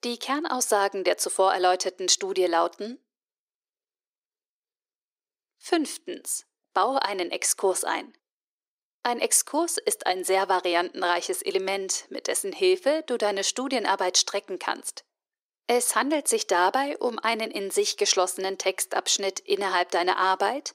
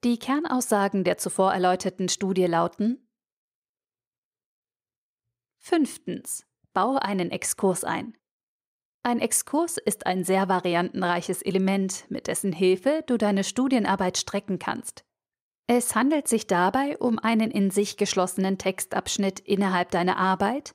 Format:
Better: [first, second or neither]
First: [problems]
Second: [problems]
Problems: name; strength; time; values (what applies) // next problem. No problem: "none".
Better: second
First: thin; somewhat; fading below 300 Hz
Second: none